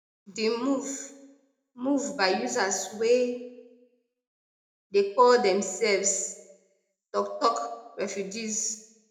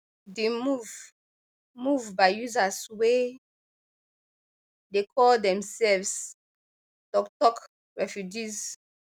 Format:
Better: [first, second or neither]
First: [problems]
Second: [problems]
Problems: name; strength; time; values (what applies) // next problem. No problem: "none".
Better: second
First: room echo; dies away in 0.6 s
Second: none